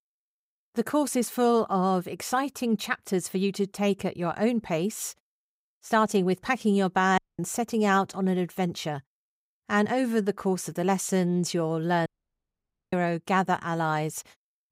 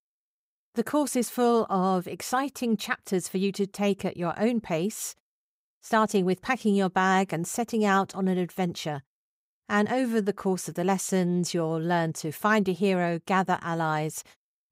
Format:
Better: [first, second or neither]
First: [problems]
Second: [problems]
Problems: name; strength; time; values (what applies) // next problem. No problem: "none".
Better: second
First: audio cutting out; at 7 s and at 12 s for 1 s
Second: none